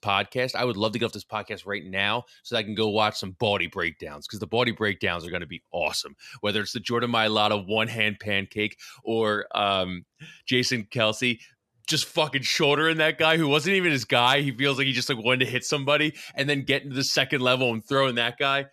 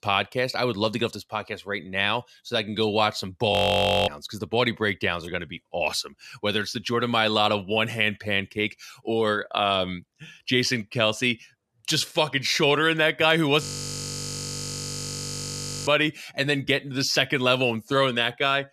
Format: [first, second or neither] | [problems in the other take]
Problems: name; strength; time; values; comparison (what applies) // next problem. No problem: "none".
first | audio freezing; at 3.5 s for 0.5 s and at 14 s for 2 s